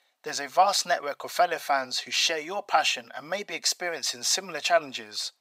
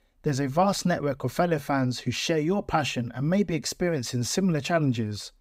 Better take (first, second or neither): second